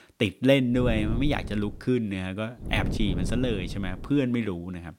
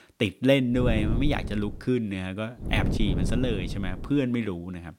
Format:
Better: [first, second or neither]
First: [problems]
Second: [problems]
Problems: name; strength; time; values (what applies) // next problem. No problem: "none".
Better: first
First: wind noise on the microphone; occasional gusts; from 1 to 2 s and from 2.5 to 4 s; 15 dB below the speech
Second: wind noise on the microphone; heavy; from 1 to 2 s and from 2.5 to 4 s; 10 dB below the speech